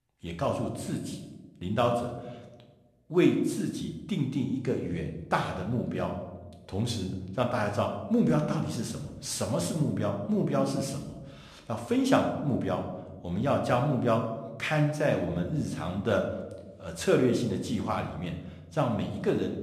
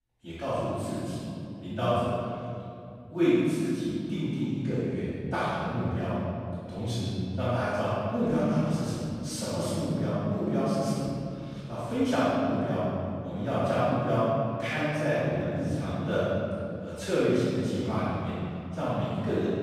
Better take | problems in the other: first | room echo; strong; dies away in 2.7 s; slight in the first // off-mic speech; far

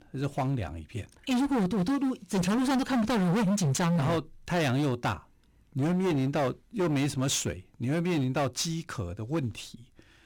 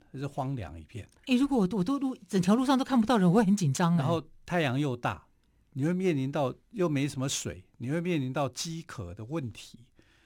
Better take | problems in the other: second | distortion; heavy; 20% of the sound clipped

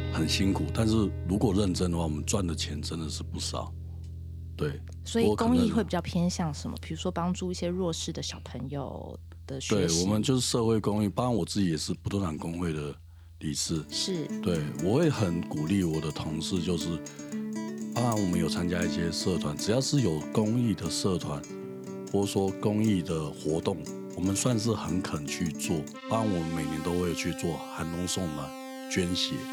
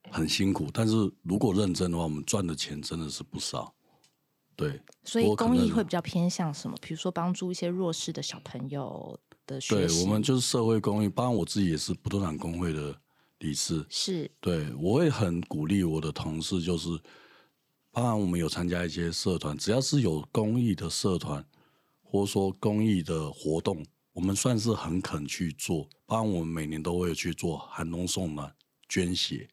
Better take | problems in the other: second | background music; loud; throughout; 9 dB below the speech

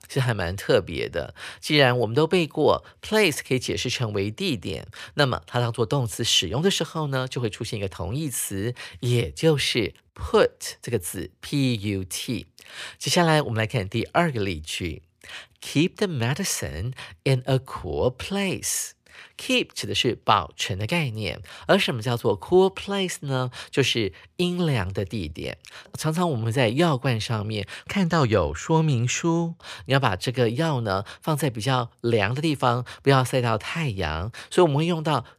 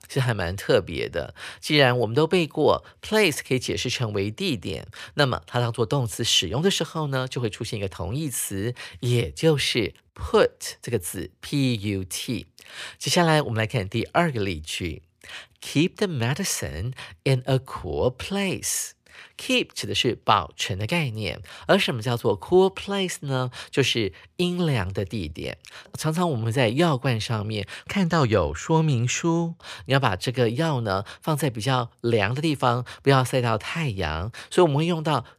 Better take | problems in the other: neither | none

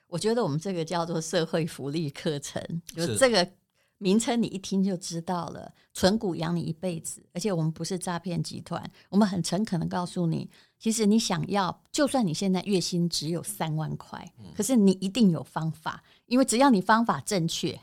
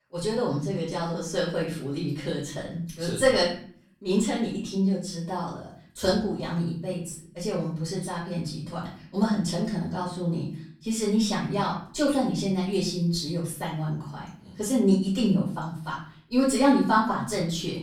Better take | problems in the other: first | off-mic speech; far // room echo; noticeable; dies away in 0.5 s

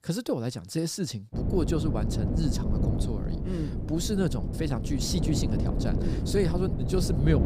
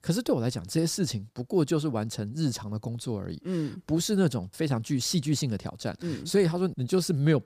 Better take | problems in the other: second | wind noise on the microphone; heavy; from 1.5 s on; 5 dB below the speech

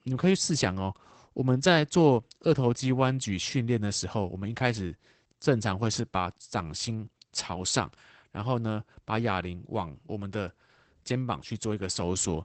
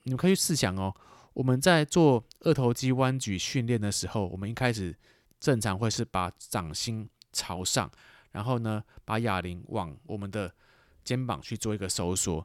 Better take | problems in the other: second | garbled, watery; badly; nothing above 8 kHz

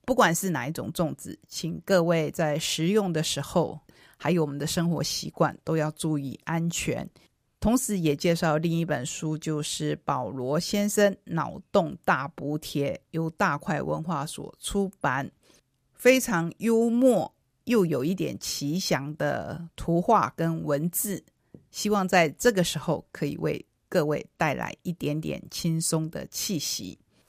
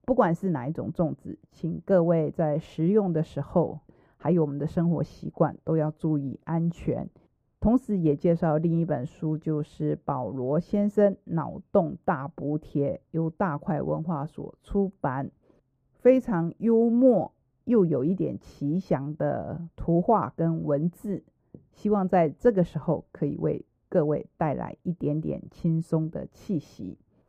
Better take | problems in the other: first | muffled; very; fading above 2 kHz

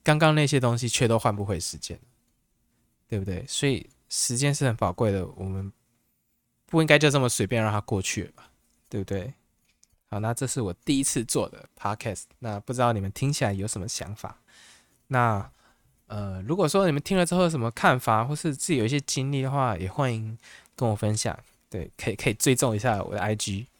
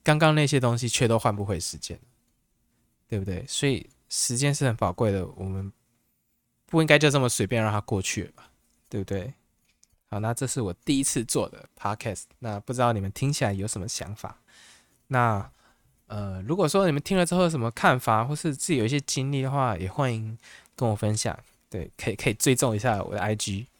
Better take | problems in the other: neither | none

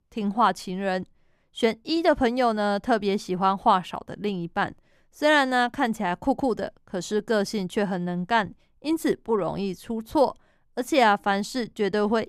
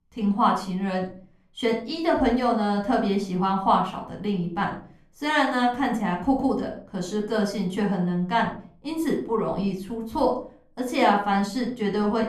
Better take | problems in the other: first | off-mic speech; somewhat distant // room echo; slight; dies away in 0.4 s

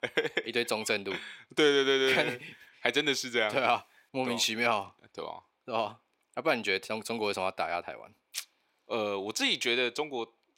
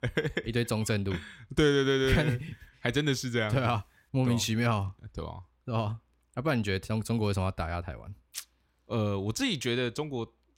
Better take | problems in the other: second | thin; somewhat; fading below 400 Hz

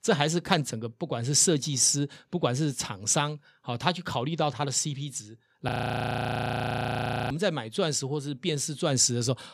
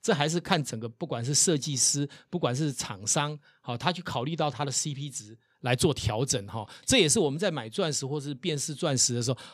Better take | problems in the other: second | audio freezing; at 5.5 s for 1.5 s

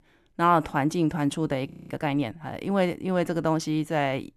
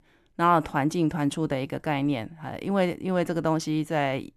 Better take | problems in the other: second | audio freezing; at 1.5 s

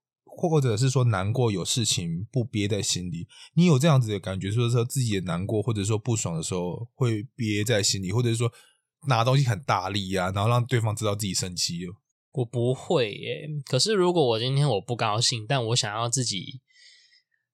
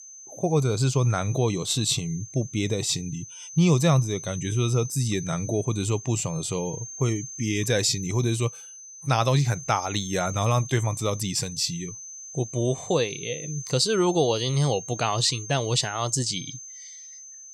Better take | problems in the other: first | high-pitched whine; noticeable; throughout; 6 kHz, 10 dB below the speech

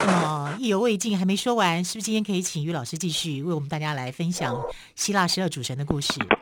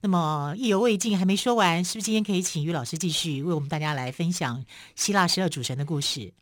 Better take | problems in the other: second | footsteps; loud; at the start; peak level with the speech // dog barking; noticeable; at 4.5 s; peak 7 dB below the speech // phone ringing; loud; at 6 s; peak 2 dB above the speech

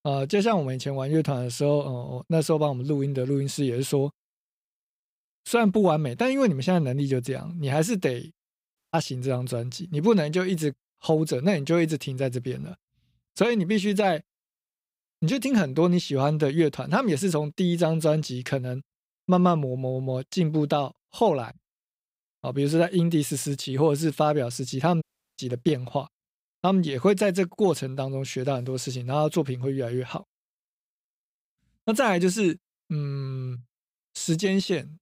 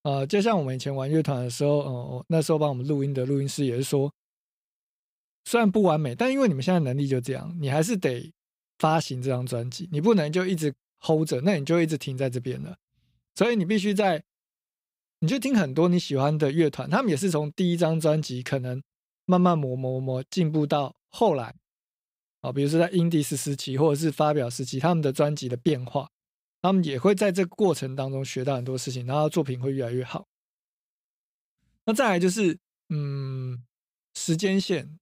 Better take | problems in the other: second | audio cutting out; at 9 s and at 25 s

